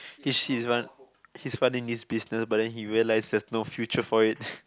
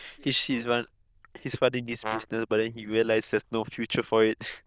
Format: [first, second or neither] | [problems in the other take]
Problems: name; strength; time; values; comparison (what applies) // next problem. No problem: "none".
first | noise reduction (neural diffusion model UNIVERSE++)